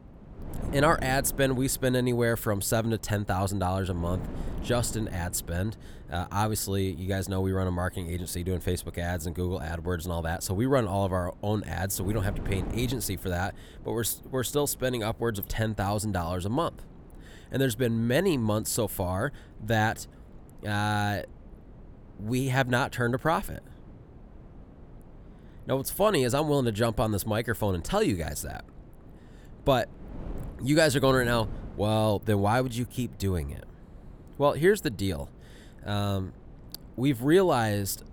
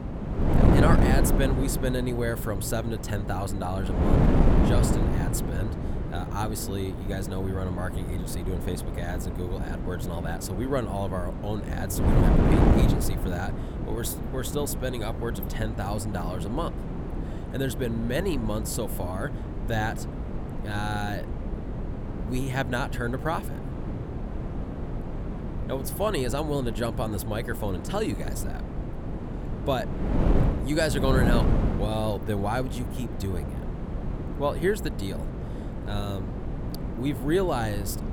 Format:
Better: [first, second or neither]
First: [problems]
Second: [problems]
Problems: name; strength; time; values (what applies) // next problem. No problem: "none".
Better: first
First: wind noise on the microphone; occasional gusts; 25 dB below the speech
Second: wind noise on the microphone; heavy; 4 dB below the speech